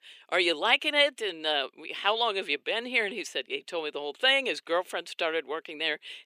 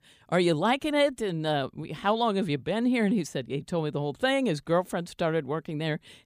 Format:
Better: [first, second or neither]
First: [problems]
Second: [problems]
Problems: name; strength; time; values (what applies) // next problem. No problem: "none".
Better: second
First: thin; very; fading below 350 Hz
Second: none